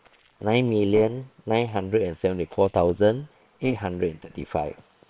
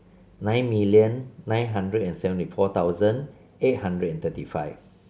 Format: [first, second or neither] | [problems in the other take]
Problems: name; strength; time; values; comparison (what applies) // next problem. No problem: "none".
second | noise reduction (neural separator model SepFormer WHAM!)